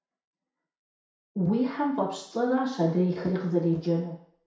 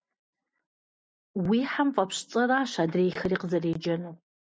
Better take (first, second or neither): second